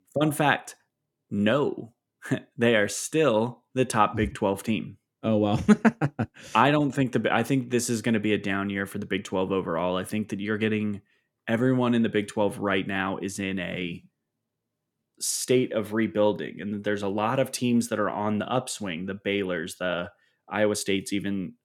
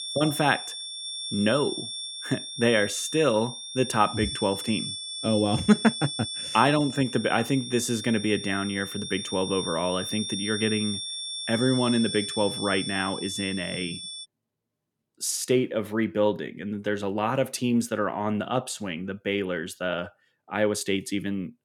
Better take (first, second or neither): first